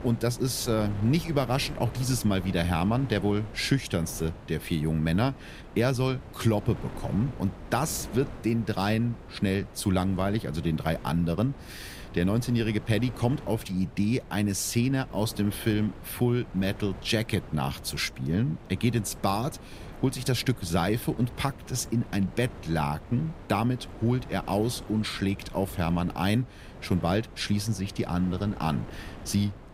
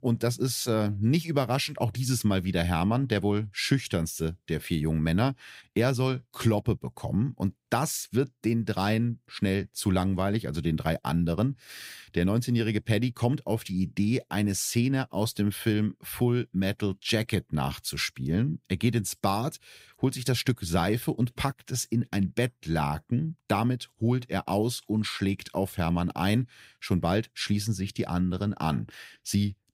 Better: second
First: wind noise on the microphone; occasional gusts; 15 dB below the speech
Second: none

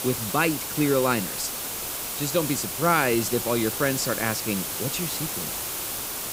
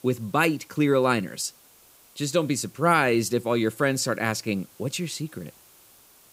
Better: second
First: hiss; loud; throughout; 3 dB below the speech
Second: hiss; faint; throughout; 25 dB below the speech

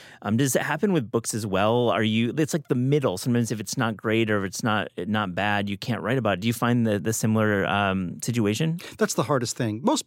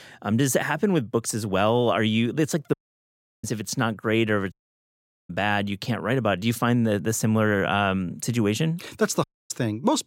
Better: first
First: none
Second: audio cutting out; at 2.5 s for 0.5 s, at 4.5 s for 1 s and at 9 s

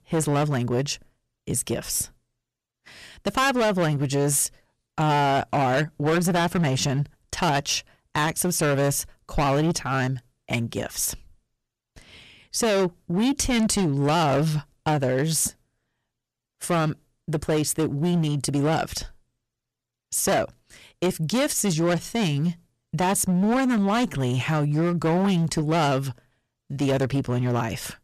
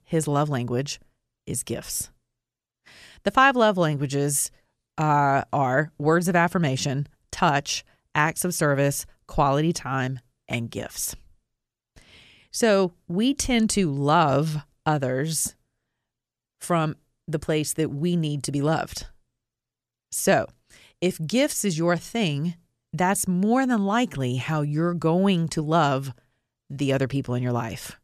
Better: second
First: distortion; heavy; 13% of the sound clipped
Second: none

